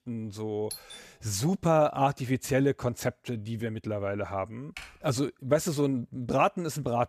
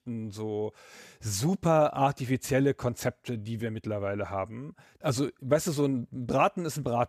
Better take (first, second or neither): second